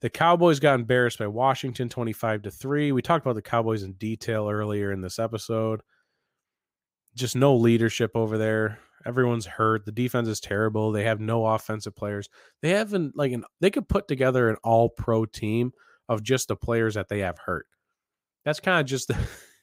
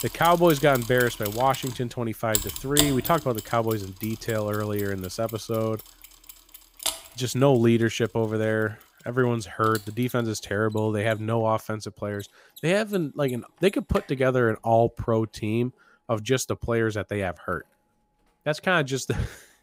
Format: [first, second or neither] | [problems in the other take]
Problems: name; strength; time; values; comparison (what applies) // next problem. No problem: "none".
first | machinery noise; loud; throughout; 7 dB below the speech